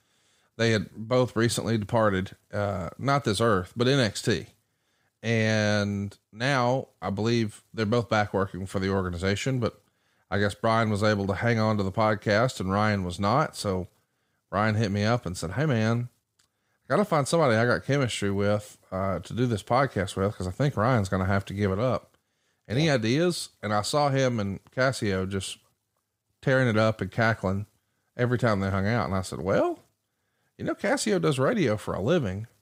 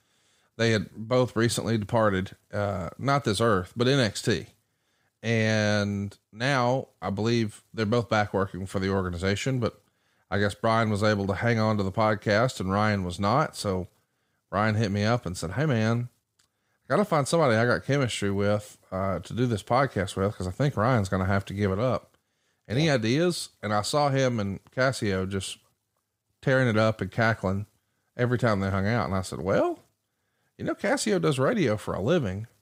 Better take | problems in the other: neither | none

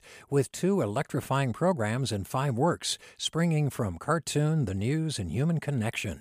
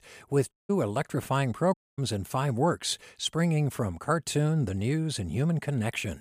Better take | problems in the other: first | audio cutting out; at 0.5 s and at 1.5 s

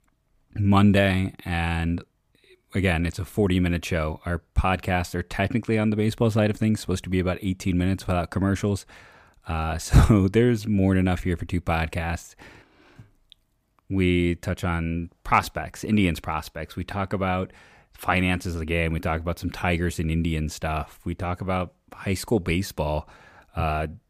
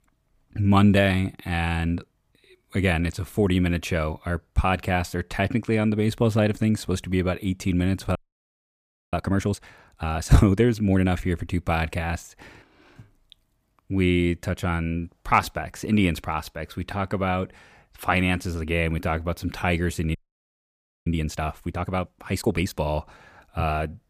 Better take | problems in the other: first | audio freezing; at 8 s for 1 s and at 20 s for 1 s

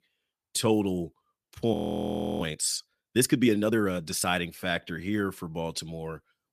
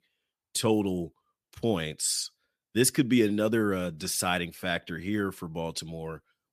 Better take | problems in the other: second | audio freezing; at 1.5 s for 0.5 s

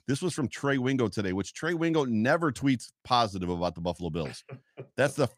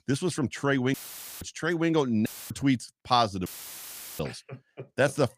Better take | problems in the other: first | audio cutting out; filled with static; at 1 s, at 2.5 s and at 3.5 s for 0.5 s

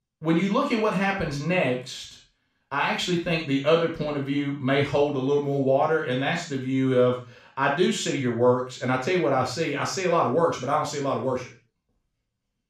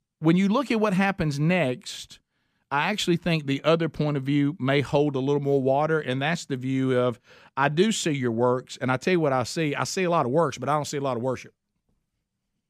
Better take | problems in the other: second | room echo; noticeable; dies away in 0.3 s // off-mic speech; far

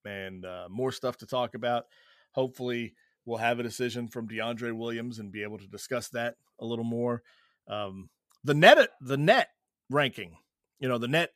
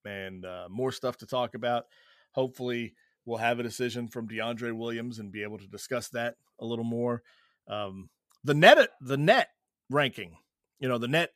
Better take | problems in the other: neither | none

